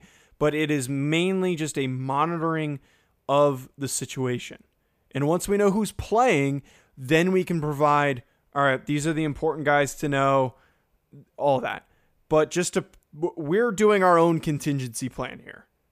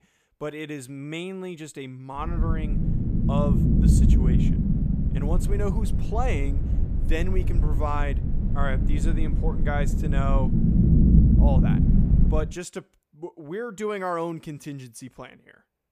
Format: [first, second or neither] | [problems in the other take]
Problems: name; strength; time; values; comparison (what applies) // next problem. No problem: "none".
first | low rumble; loud; from 2.5 to 12 s; 1 dB below the speech